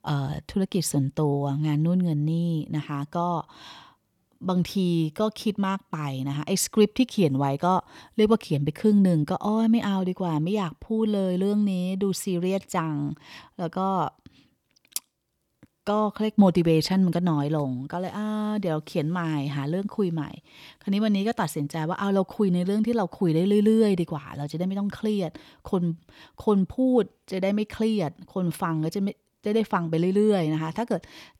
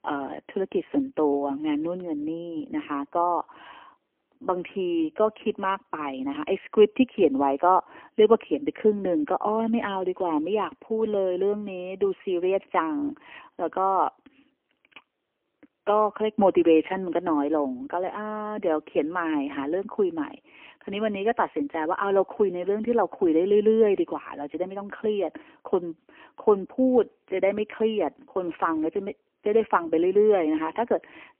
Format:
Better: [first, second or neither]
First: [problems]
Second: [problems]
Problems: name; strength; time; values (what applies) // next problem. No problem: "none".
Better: first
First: none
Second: phone-call audio; poor line; nothing above 3 kHz